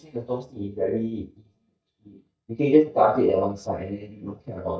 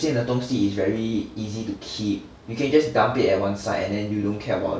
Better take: second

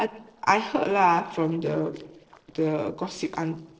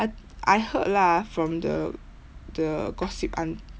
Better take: second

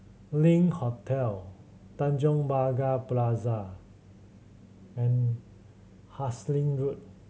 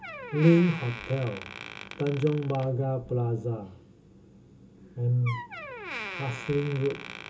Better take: first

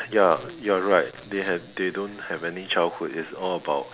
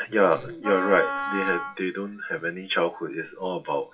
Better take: first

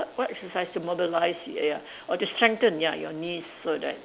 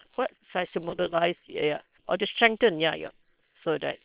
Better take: first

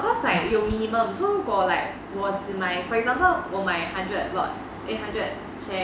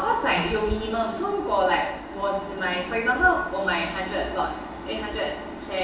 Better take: first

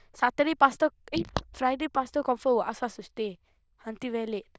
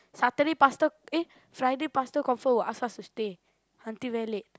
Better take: second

